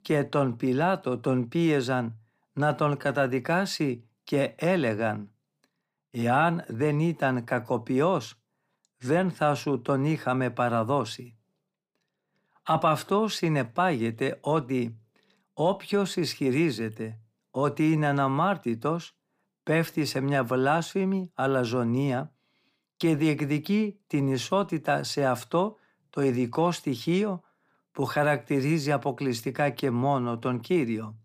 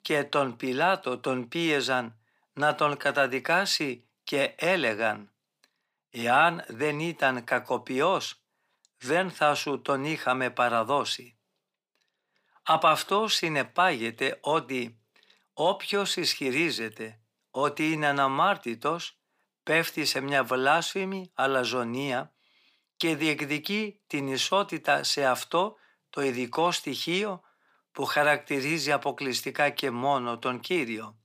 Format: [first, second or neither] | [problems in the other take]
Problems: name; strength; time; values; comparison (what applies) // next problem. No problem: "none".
first | thin; somewhat; fading below 800 Hz